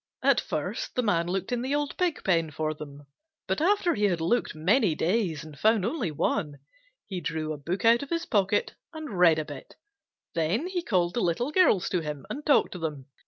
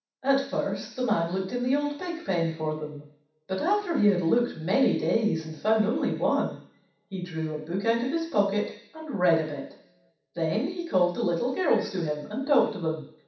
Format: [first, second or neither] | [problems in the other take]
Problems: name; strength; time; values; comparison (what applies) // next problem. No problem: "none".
first | room echo; dies away in 0.7 s